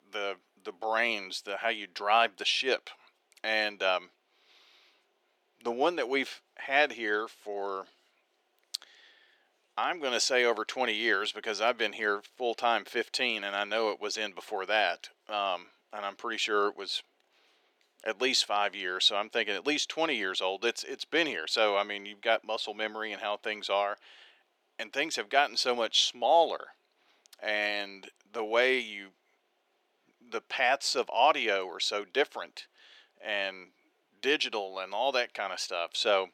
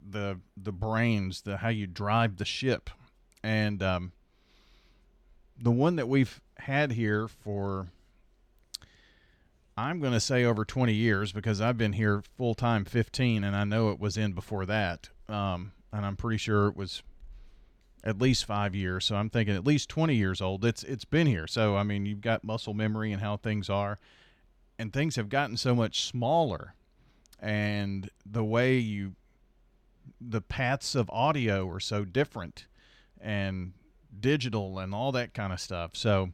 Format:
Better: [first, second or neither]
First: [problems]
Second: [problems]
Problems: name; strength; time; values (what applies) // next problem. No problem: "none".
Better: second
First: thin; very; fading below 400 Hz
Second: none